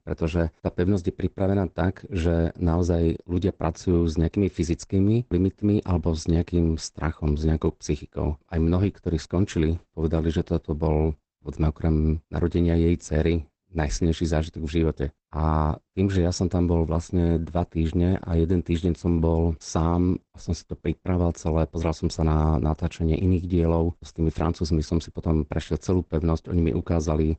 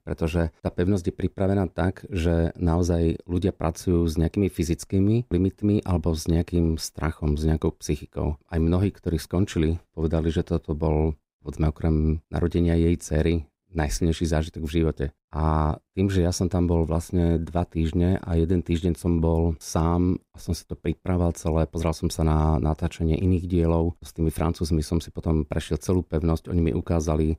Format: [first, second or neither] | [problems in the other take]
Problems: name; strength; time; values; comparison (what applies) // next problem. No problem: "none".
second | garbled, watery; badly; nothing above 8 kHz